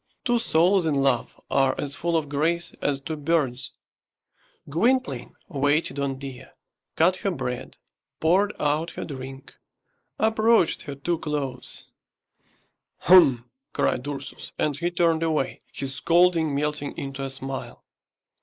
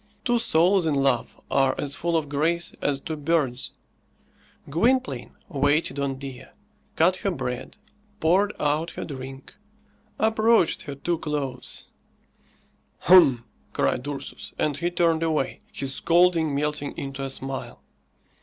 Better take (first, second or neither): second